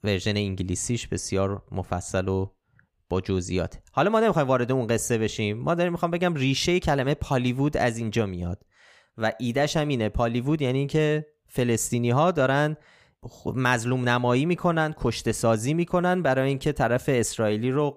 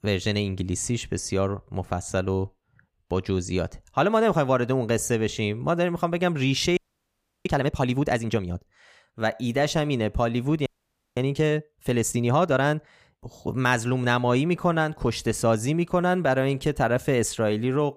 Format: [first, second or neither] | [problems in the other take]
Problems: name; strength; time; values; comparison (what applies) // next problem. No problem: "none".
first | audio freezing; at 7 s for 0.5 s and at 11 s for 0.5 s